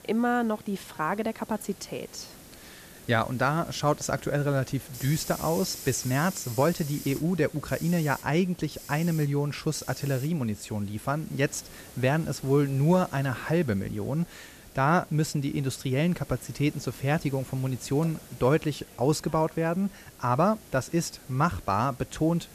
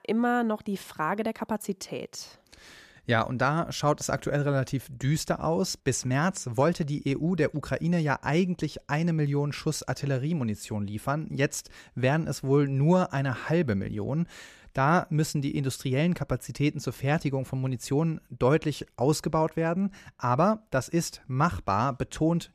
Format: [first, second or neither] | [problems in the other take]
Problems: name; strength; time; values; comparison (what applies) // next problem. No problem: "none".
second | hiss; noticeable; throughout; 15 dB below the speech